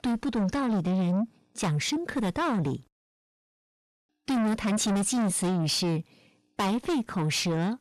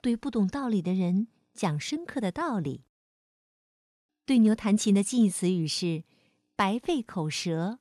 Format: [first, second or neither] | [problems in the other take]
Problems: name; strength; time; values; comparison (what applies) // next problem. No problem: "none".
second | distortion; heavy; 5 dB below the speech